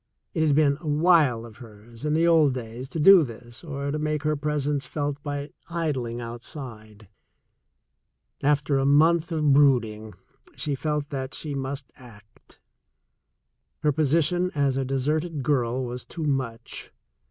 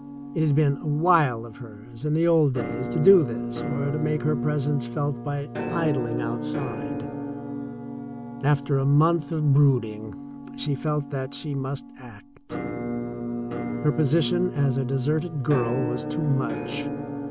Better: first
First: none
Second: background sound (Musical instrument); 7 dB below the speech

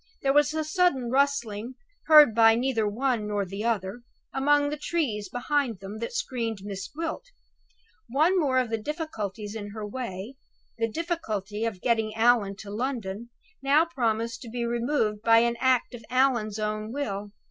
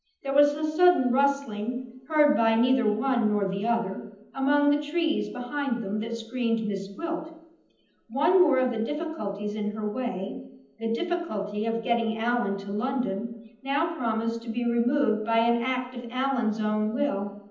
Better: first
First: none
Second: room echo; dies away in 0.8 s

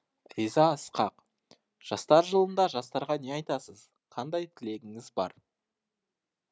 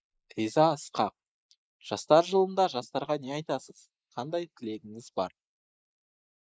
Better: first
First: none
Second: noise reduction (neural mask model Resemble Enhance denoiser)

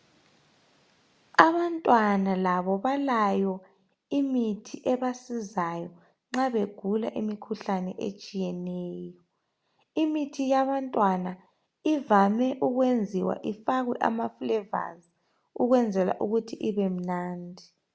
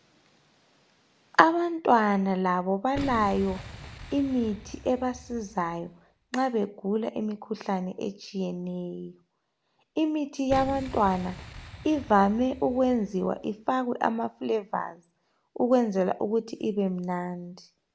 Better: first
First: none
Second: background sound (Boom); 18 dB below the speech

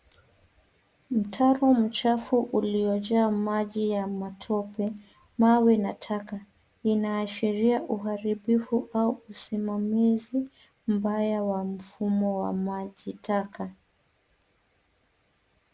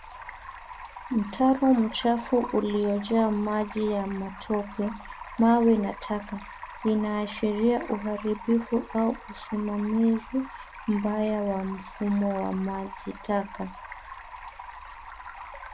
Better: first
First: none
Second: background sound (Stream); 15 dB below the speech

